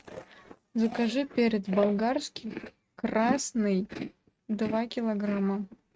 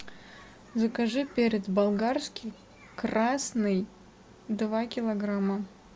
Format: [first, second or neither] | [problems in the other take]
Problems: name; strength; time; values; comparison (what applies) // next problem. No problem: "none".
second | noise reduction (neural mask model RNNoise)